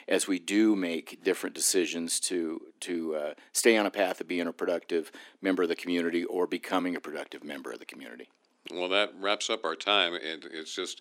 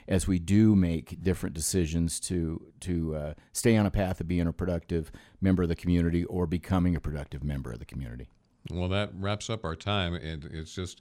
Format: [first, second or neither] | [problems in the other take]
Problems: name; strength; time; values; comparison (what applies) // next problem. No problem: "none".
second | thin; somewhat; fading below 300 Hz